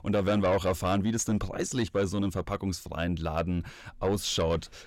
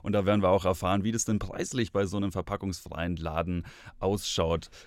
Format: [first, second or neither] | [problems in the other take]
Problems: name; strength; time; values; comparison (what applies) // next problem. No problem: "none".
second | distortion; slight; 10 dB below the speech